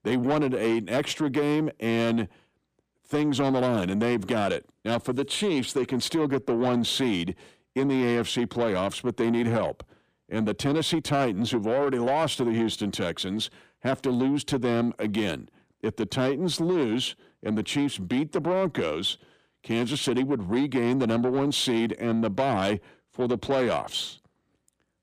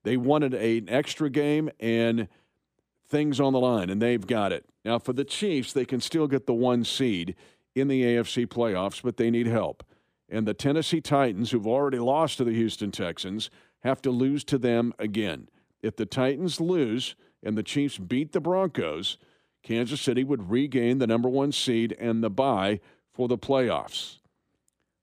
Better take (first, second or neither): second